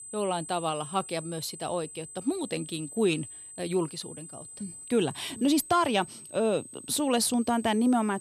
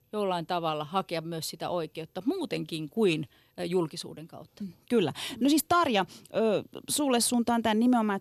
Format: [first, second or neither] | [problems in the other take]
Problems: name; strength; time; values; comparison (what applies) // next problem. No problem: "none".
second | high-pitched whine; noticeable; throughout; 8 kHz, 15 dB below the speech